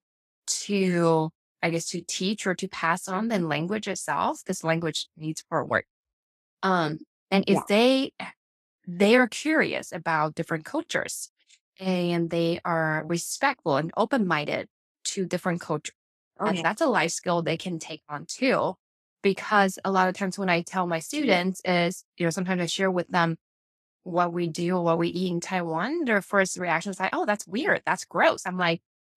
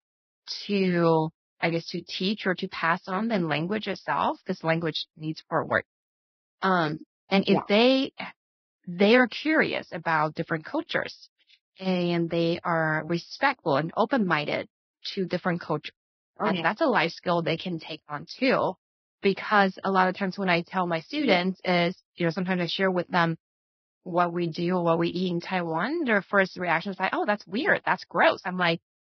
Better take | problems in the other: first | garbled, watery; badly; nothing above 5.5 kHz; slightly in the first

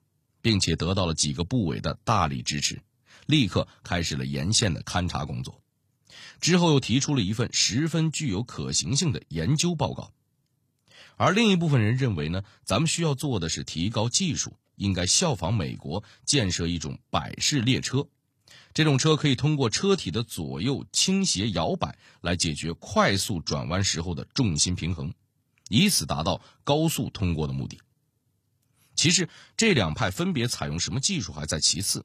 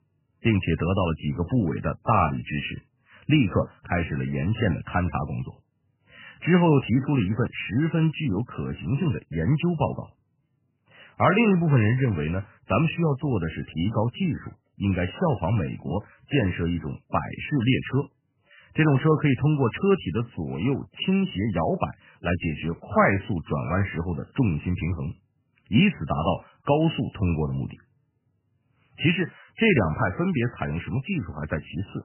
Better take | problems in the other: first | garbled, watery; badly; nothing above 3 kHz

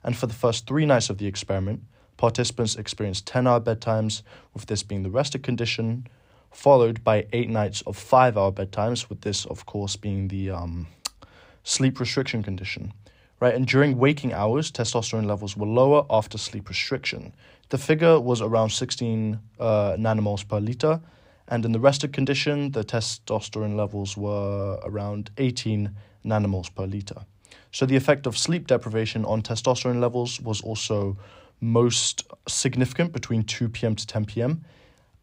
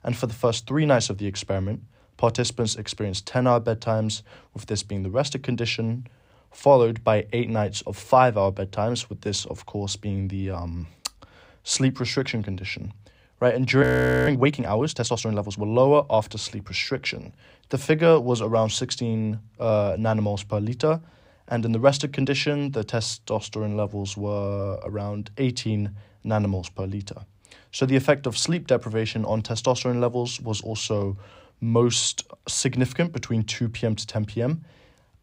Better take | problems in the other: first | audio freezing; at 14 s

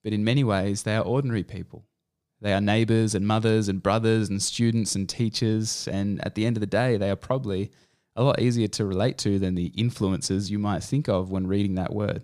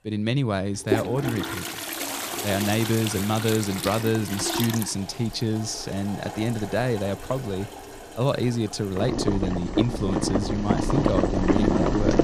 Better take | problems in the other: first | household noises; loud; throughout; 1 dB below the speech

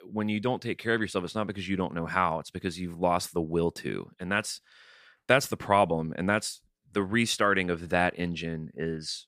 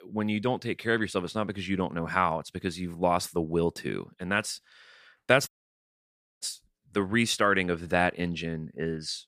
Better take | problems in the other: first | audio cutting out; at 5.5 s for 1 s

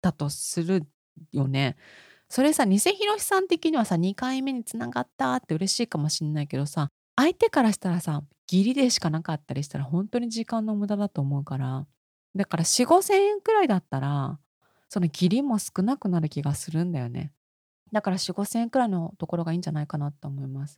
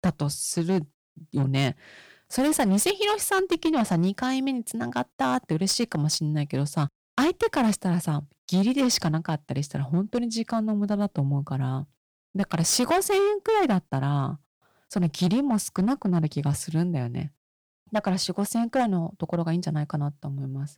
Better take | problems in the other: first | distortion; slight; 7% of the sound clipped

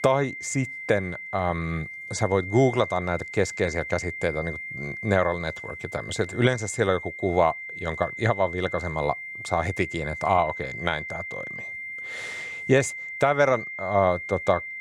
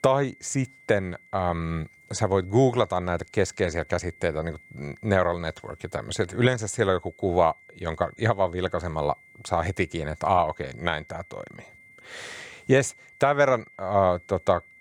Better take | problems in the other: second | high-pitched whine; loud; throughout; 2 kHz, 8 dB below the speech; faint in the second

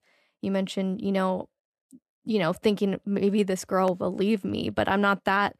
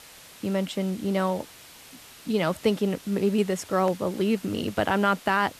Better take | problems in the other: first | hiss; noticeable; throughout; 20 dB below the speech

